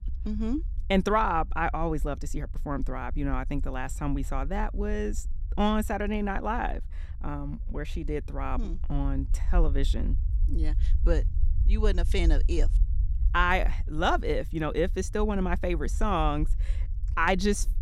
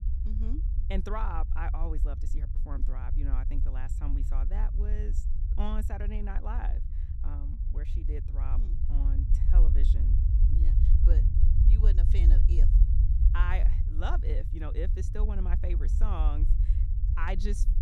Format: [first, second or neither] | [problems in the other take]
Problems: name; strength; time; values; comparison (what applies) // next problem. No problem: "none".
first | low rumble; loud; throughout; 7 dB below the speech; faint in the first